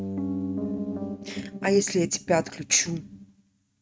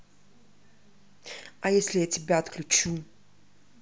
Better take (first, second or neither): second